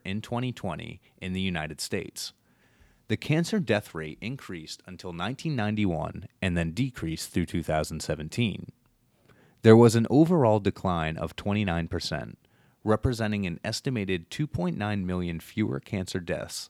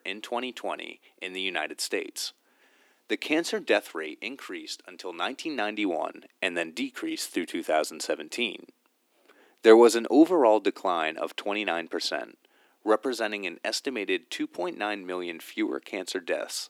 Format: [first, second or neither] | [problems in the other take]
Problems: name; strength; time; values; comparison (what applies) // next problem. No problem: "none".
first | thin; somewhat; fading below 300 Hz